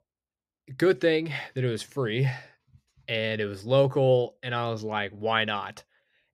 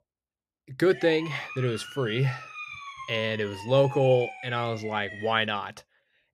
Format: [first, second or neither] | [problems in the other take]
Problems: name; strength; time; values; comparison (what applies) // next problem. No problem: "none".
first | siren; noticeable; from 1 to 5.5 s; peak 9 dB below the speech